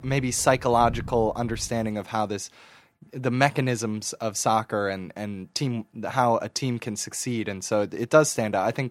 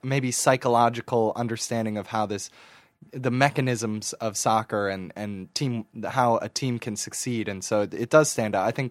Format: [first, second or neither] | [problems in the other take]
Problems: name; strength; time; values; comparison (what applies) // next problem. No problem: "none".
second | rain or running water; noticeable; until 2 s; 15 dB below the speech